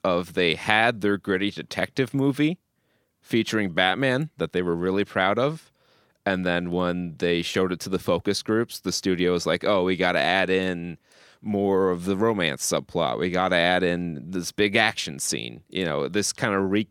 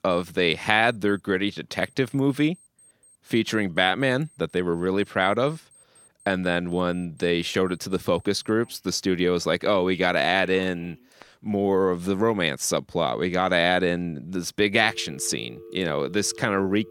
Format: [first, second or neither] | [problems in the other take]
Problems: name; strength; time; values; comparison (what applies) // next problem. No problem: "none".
first | alarms or sirens; faint; throughout; 25 dB below the speech